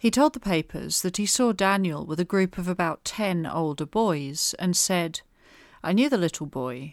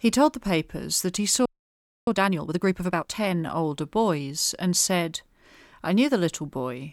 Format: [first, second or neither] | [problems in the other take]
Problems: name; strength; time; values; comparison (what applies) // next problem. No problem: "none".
first | audio freezing; at 1.5 s for 0.5 s